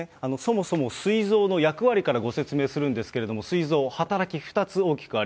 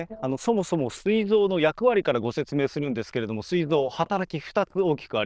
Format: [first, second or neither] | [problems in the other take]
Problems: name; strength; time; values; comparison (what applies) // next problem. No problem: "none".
first | noise reduction (neural diffusion model UNIVERSE++)